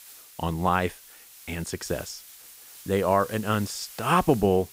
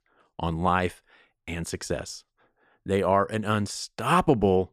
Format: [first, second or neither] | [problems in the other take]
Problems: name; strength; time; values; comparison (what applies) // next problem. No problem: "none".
second | hiss; noticeable; throughout; 15 dB below the speech